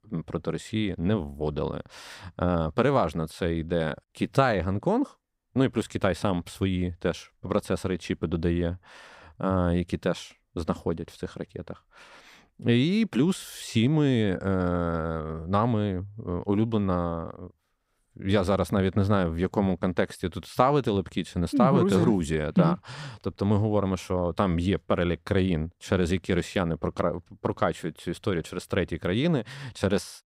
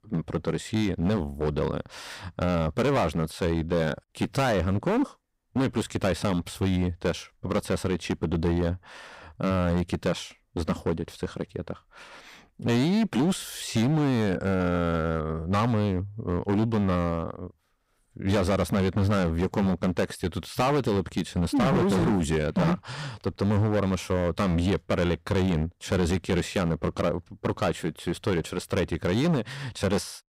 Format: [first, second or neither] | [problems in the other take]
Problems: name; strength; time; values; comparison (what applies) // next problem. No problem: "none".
first | distortion; heavy; 13% of the sound clipped